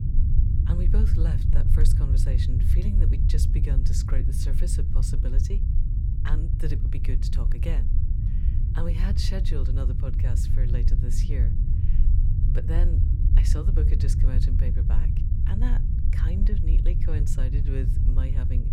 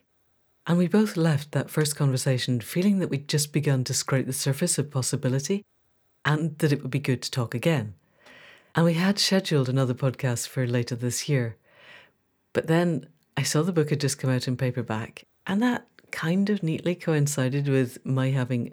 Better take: second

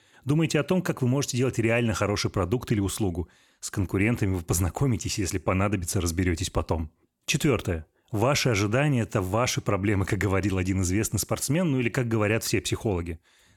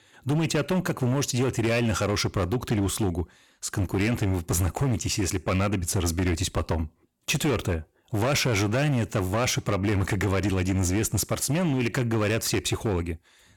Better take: first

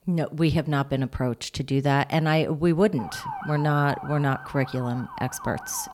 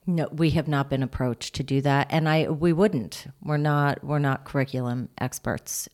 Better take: second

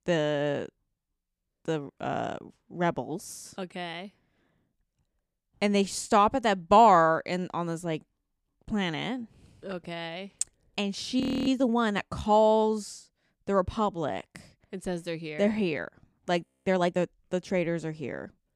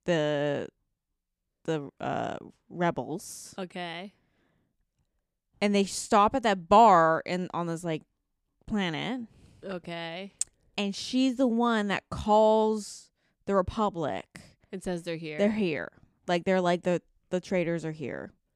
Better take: second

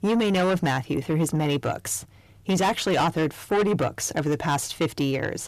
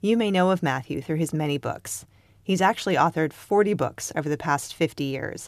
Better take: second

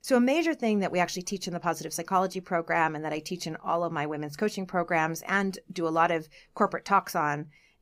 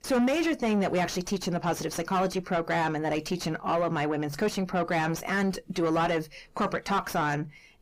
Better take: first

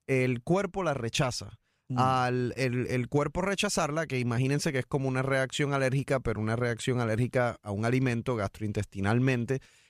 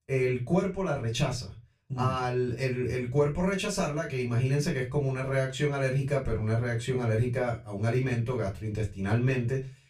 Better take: first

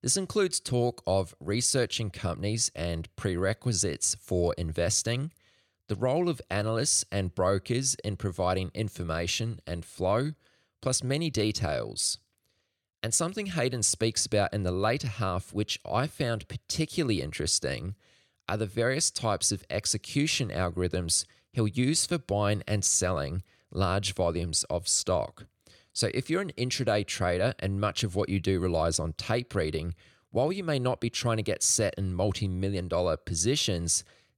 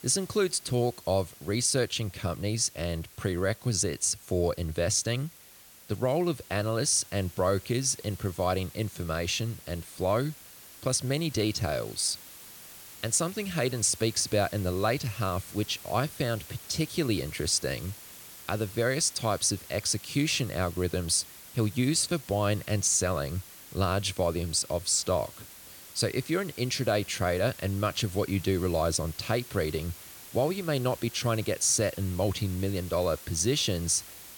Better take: first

